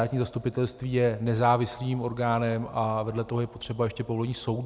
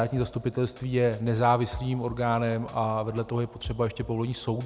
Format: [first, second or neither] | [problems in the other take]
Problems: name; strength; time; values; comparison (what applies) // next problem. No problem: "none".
first | background sound (Drum kit); 19 dB below the speech